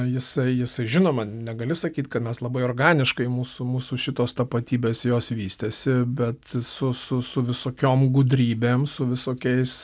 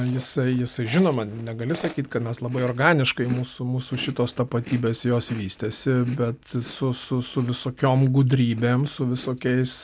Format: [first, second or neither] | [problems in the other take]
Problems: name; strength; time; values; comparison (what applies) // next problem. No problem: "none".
first | background sound (Chewing, mastication); 20 dB below the speech